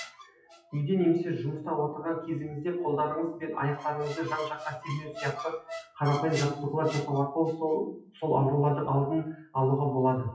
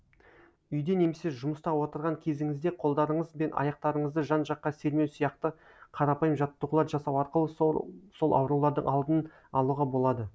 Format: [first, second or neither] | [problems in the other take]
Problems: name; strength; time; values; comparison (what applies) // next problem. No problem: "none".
second | noise reduction (classical method WPE with log-MMSE)